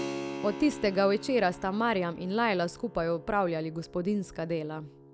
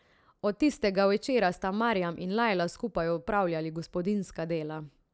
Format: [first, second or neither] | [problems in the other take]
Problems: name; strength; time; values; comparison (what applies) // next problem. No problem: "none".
second | background sound (Keyboard (musical)); 13 dB below the speech